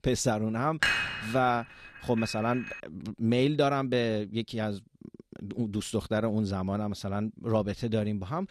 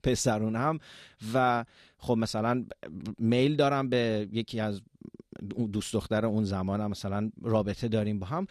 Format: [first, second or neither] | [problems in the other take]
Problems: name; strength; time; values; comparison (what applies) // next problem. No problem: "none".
second | clattering dishes; loud; from 1 to 3 s; peak 4 dB above the speech